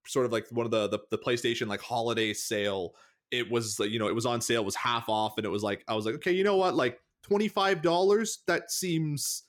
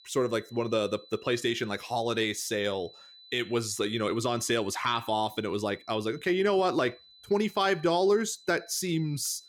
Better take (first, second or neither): first